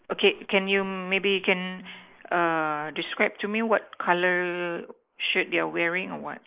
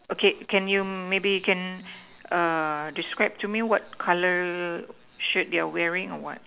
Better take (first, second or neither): second